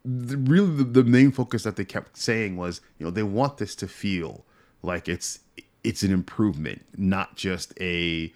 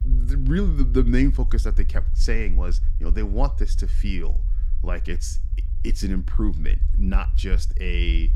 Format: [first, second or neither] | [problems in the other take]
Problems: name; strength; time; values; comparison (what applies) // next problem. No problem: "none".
first | low rumble; noticeable; throughout; 15 dB below the speech